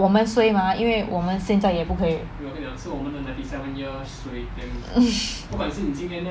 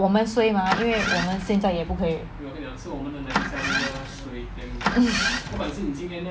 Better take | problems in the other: first | background sound (Engine starting); 4 dB below the speech

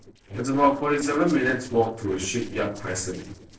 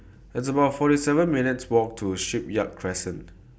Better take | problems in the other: second | noise reduction (neural separator model SepFormer DNS4)

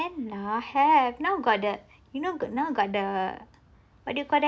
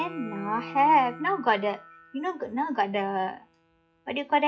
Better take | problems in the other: first | noise reduction (classical method log-MMSE)

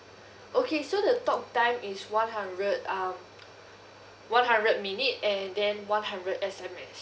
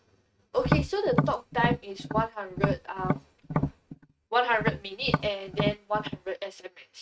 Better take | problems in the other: first | noise reduction (neural mask model RNNoise)

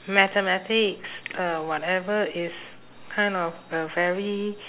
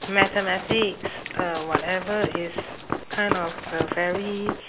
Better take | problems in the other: first | background sound (Walk, footsteps / Run); 3 dB below the speech

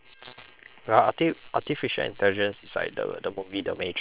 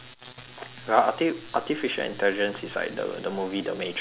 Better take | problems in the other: second | noise reduction (neural separator model SepFormer WHAM!)

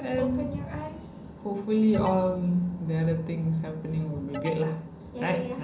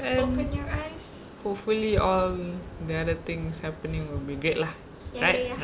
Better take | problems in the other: second | background sound (Alarm); 15 dB below the speech // room echo; dies away in 0.6 s

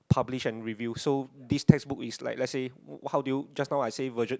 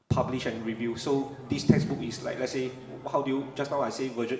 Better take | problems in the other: first | background sound (Race car, auto racing / Engine starting); 17 dB below the speech // room echo; dies away in 1.1 s

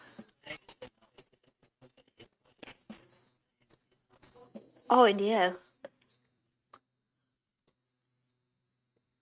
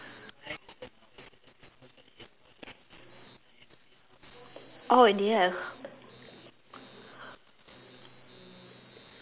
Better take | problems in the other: second | noise reduction (neural mask model RNNoise)

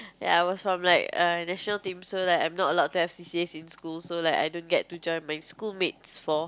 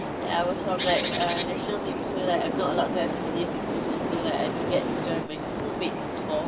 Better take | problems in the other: first | background sound (Bird); 1 dB above the speech // room echo; dies away in 2 s

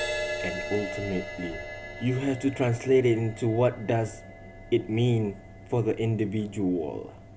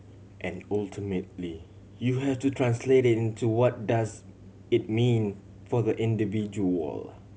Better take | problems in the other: second | background sound (Crash cymbal); 11 dB below the speech

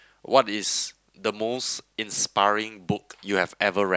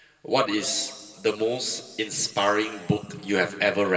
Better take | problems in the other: first | room echo; dies away in 2.7 s

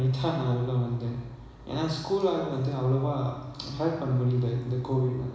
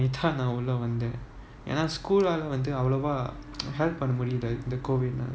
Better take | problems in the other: second | room echo; dies away in 1 s

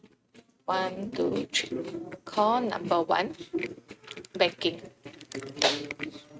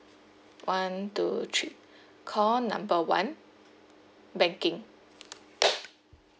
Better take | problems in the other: second | noise reduction (neural mask model RNNoise)

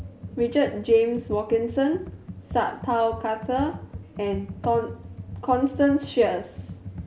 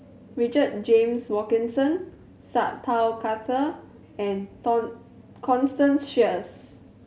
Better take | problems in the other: second | background sound (Computer keyboard); 13 dB below the speech

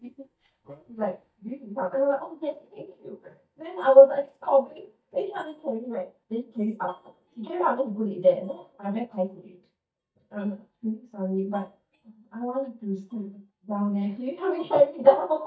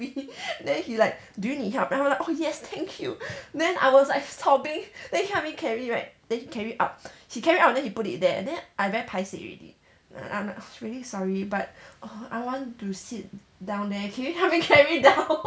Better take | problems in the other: second | noise reduction (neural mask model DeepFilterNet 3)

